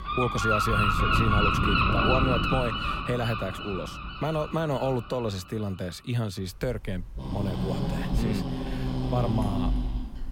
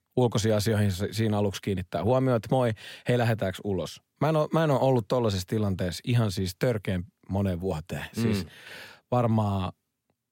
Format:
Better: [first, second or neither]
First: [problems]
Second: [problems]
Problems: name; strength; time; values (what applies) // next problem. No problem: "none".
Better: second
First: animal sounds; very loud; throughout; 3 dB above the speech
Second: none